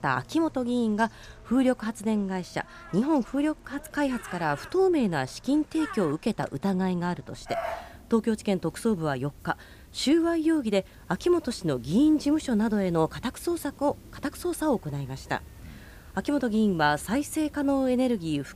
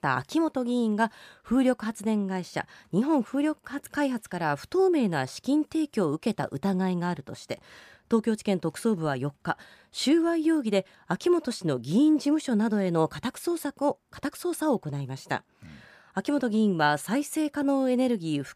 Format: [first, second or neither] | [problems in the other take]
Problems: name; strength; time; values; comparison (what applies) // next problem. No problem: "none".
second | animal sounds; noticeable; throughout; 20 dB below the speech